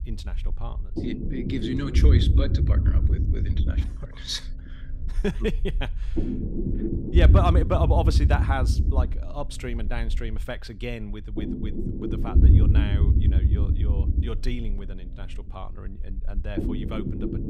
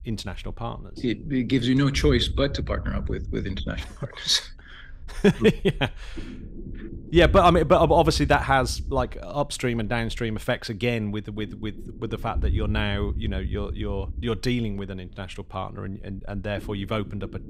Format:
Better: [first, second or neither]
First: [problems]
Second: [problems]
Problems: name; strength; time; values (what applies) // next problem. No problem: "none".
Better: second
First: low rumble; loud; throughout; 4 dB below the speech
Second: low rumble; faint; throughout; 20 dB below the speech